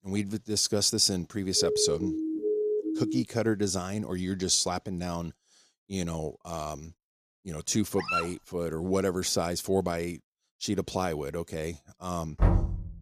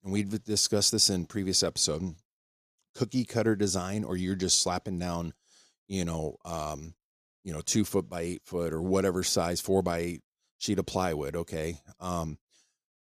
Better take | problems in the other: second | siren; loud; from 1.5 to 3 s; peak 1 dB above the speech // dog barking; noticeable; at 8 s; peak level with the speech // door banging; loud; at 12 s; peak 3 dB above the speech

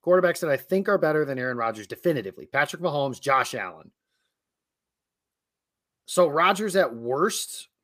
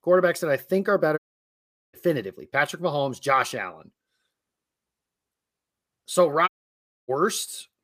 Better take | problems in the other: first | audio cutting out; at 1 s for 1 s and at 6.5 s for 0.5 s

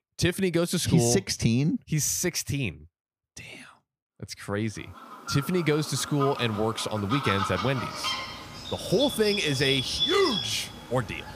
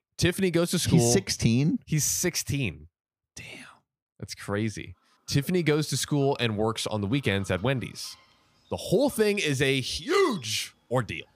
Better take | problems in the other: second | animal sounds; loud; from 5 s on; 5 dB below the speech; faint in the second

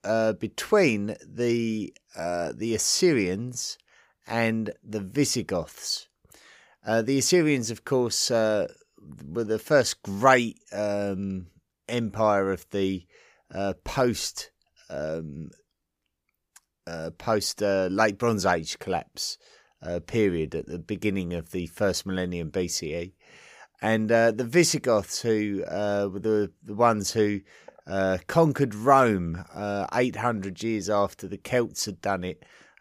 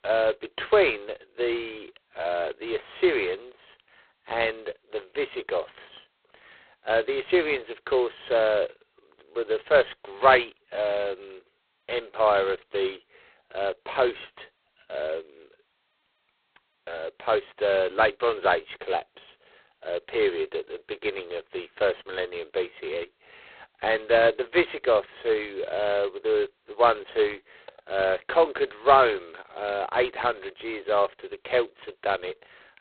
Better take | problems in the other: first | phone-call audio; poor line; nothing above 4 kHz

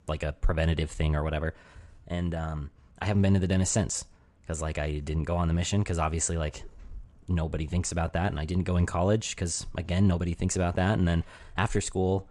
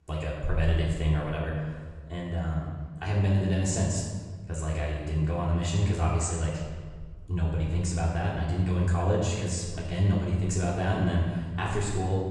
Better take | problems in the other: first | off-mic speech; far // room echo; noticeable; dies away in 1.3 s

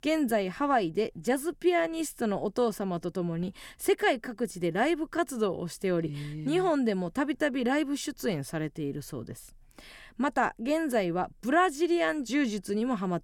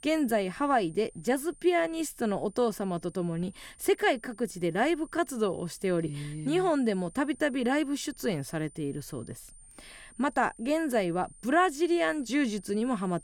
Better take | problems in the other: first | high-pitched whine; faint; throughout; 9 kHz, 25 dB below the speech

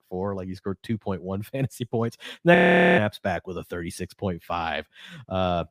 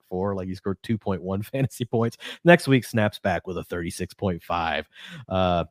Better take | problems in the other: second | audio freezing; at 2.5 s

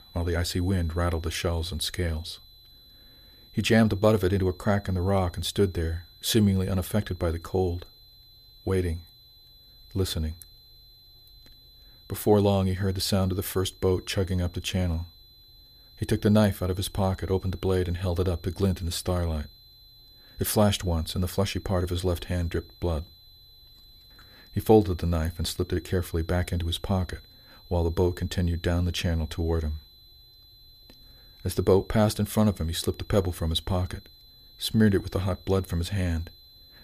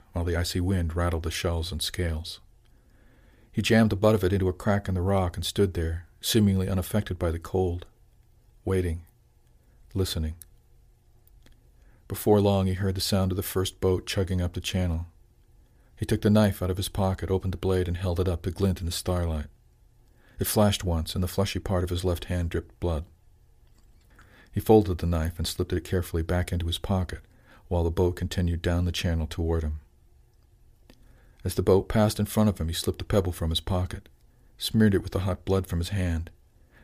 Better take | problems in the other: second | high-pitched whine; faint; throughout; 4 kHz, 25 dB below the speech

